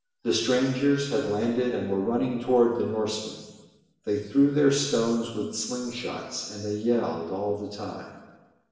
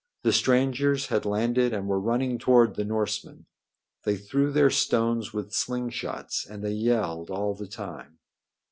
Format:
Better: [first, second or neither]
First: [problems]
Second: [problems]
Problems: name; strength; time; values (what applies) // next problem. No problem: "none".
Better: second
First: room echo; dies away in 1.1 s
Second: none